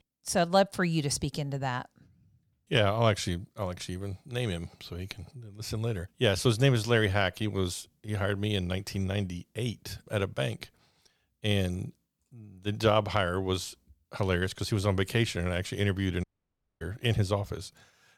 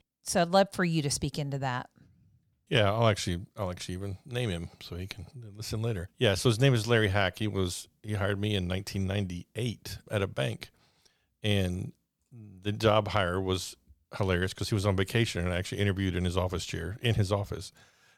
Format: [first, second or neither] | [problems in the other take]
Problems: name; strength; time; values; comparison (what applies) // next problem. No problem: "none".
second | audio cutting out; at 16 s for 0.5 s